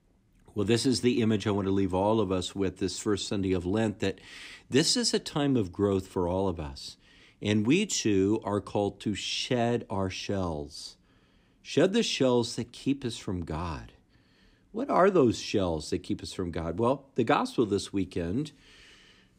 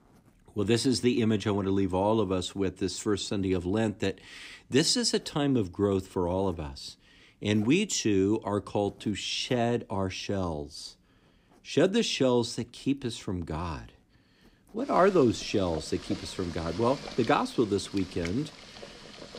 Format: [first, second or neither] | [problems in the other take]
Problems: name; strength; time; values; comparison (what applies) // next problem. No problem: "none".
first | household noises; noticeable; throughout; 15 dB below the speech